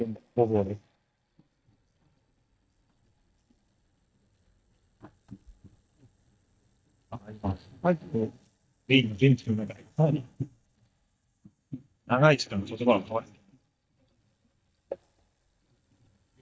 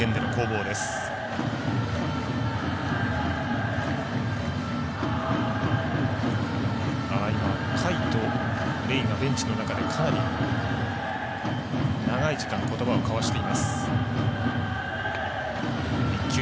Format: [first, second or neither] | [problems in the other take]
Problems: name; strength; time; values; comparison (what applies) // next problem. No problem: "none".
second | noise reduction (neural mask model DeepFilterNet 3)